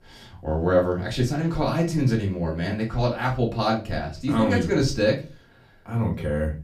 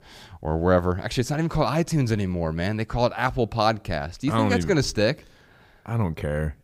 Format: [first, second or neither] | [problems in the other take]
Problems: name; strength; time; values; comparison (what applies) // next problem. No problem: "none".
second | off-mic speech; far // room echo; very slight; dies away in 0.3 s